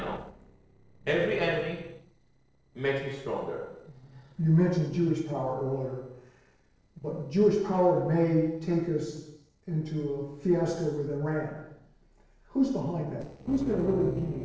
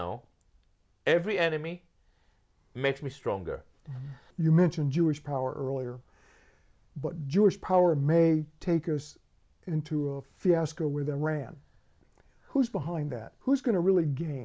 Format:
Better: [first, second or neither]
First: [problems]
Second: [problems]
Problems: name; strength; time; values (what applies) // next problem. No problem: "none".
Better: second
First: noise reduction (neural separator model SepFormer DNS4)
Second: none